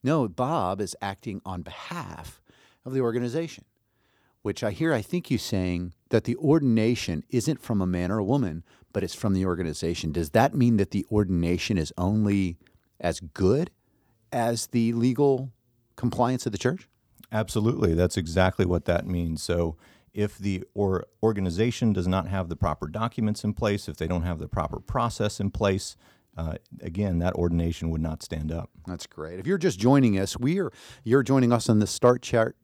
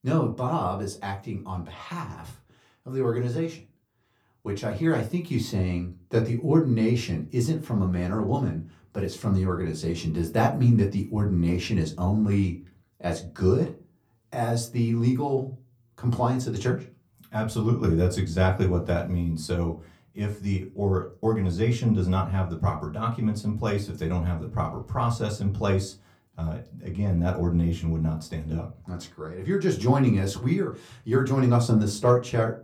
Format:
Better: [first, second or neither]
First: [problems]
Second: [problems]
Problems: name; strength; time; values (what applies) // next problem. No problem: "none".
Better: first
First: none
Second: off-mic speech; far // room echo; very slight; dies away in 0.2 s